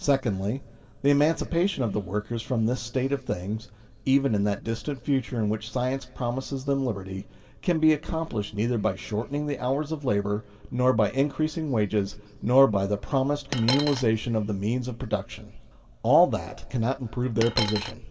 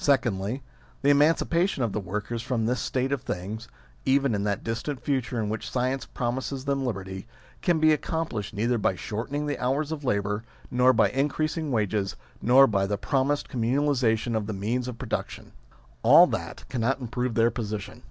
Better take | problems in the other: second | background sound (Coin (dropping)); 4 dB below the speech // room echo; dies away in 1.3 s

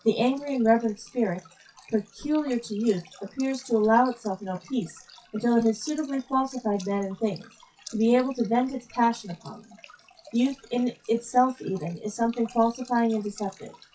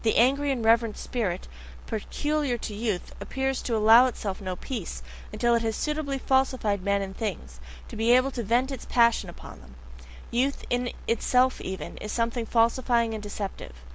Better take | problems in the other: second | noise reduction (classical method WPE with log-MMSE)

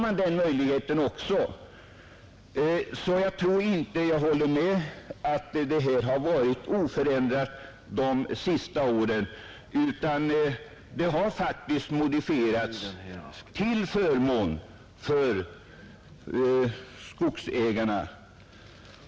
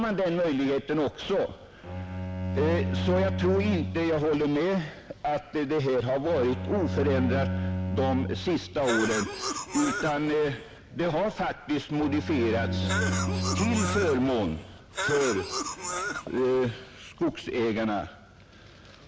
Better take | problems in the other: first | background sound (Bowed string instrument + Cough); 4 dB below the speech

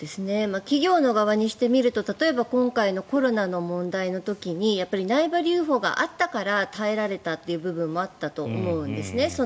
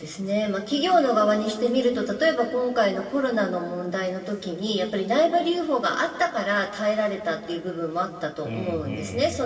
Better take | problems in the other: first | room echo; dies away in 2.3 s

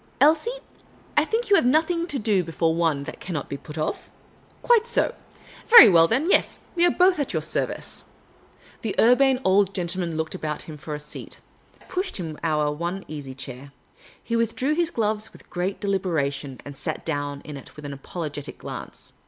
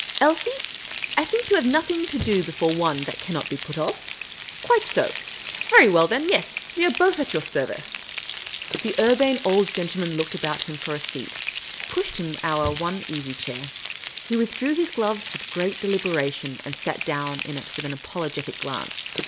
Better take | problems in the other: first | background sound (Frying (food)); 10 dB below the speech

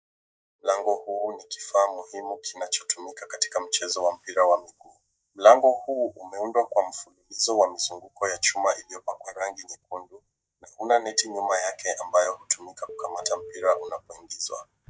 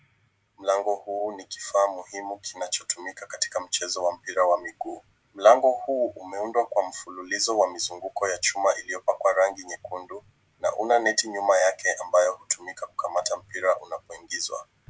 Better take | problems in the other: second | noise reduction (neural mask model DeepFilterNet 3)

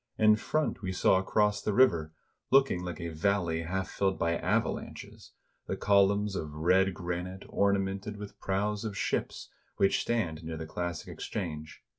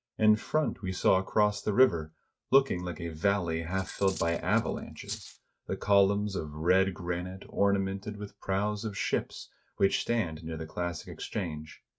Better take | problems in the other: first | noise reduction (neural mask model RNNoise)

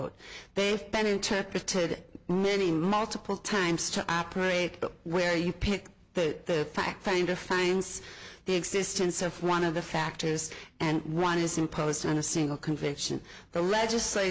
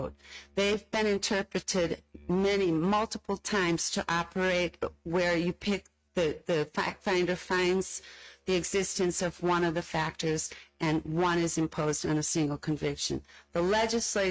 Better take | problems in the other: first | noise reduction (neural mask model RNNoise)

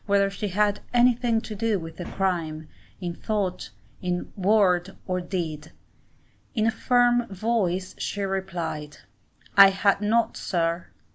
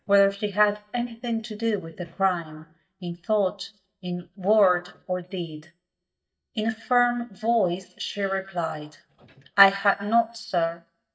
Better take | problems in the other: first | noise reduction (neural mask model DeepFilterNet 3)

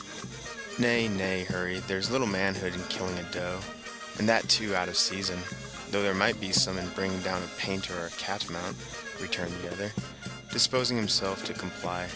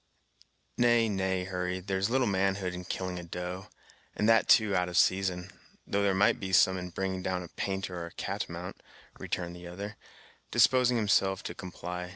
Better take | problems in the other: second | background sound (Brass instrument / Percussion); 8 dB below the speech

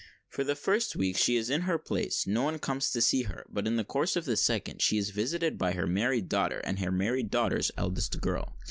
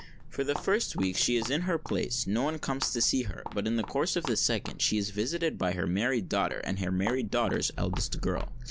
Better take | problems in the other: first | background sound (Walk, footsteps); 13 dB below the speech

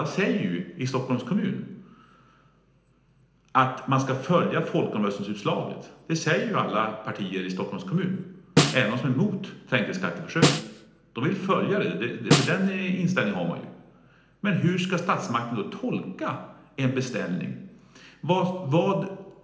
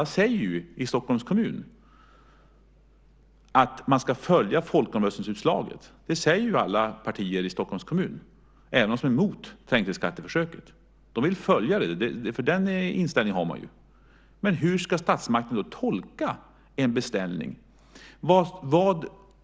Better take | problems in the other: second | background sound (Snare drum); 1 dB above the speech // room echo; dies away in 0.8 s

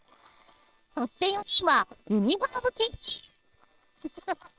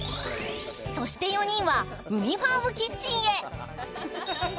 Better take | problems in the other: second | noise reduction (neural separator model SepFormer WHAM!)

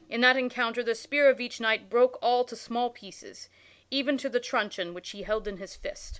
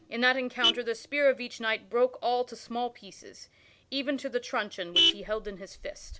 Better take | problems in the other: first | background sound (Vehicle horn, car horn, honking); 4 dB below the speech

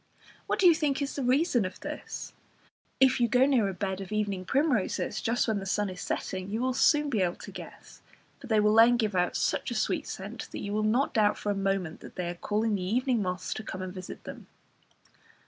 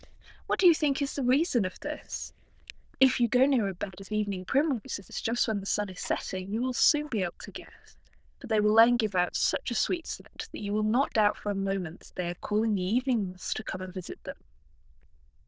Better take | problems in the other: first | noise reduction (neural diffusion model UNIVERSE++)

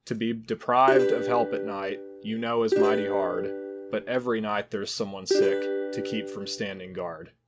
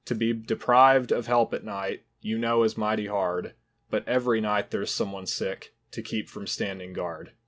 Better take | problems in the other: second | background sound (Plucked string instrument); 1 dB above the speech

